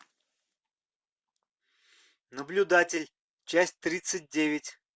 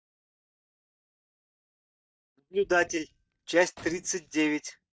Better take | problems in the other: first | noise reduction (neural mask model DeepFilterNet 3)

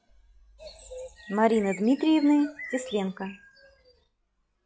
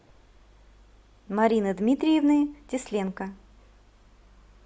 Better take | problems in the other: second | noise reduction (classical method log-MMSE)

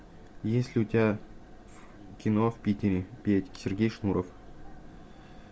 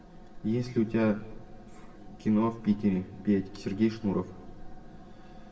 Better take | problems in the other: first | room echo; dies away in 1.2 s

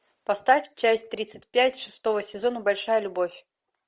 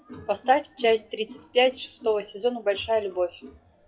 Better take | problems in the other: first | noise reduction (classical method WPE with log-MMSE)

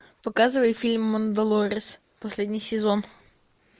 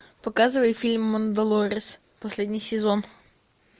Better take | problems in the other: second | noise reduction (neural mask model Resemble Enhance denoiser)

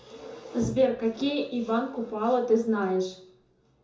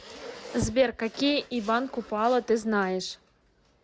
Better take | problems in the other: second | room echo; dies away in 0.6 s

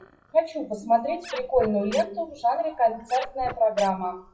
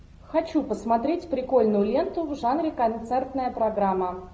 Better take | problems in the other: second | noise reduction (classical method WPE with log-MMSE)

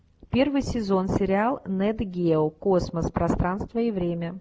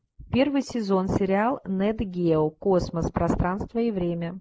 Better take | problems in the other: first | noise reduction (neural mask model Resemble Enhance denoiser)

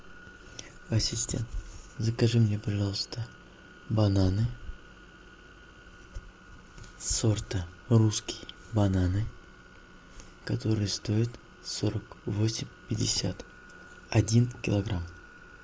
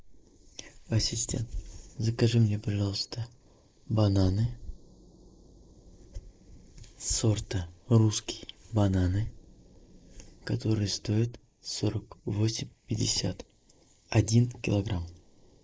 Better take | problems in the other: first | noise reduction (neural mask model Resemble Enhance denoiser)

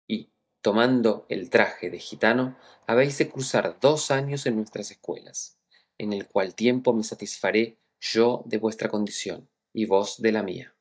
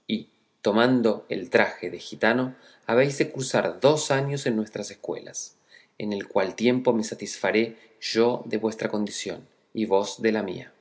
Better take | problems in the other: second | noise reduction (neural mask model DeepFilterNet 3)

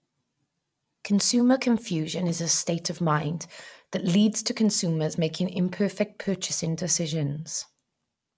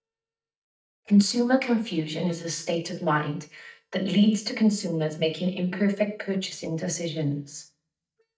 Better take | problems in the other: first | noise reduction (neural mask model DeepFilterNet 3)

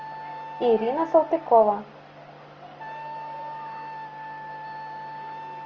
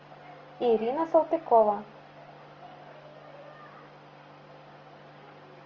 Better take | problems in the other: second | background sound (Wind instrument, woodwind instrument); 12 dB below the speech

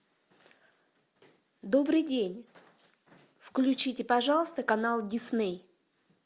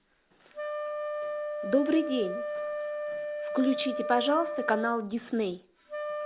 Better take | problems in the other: first | background sound (Wind instrument, woodwind instrument); 4 dB below the speech

